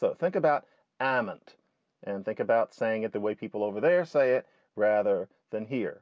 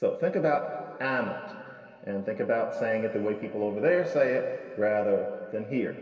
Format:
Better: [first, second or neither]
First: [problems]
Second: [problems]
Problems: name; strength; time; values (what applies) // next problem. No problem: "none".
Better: first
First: none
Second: room echo; dies away in 2.4 s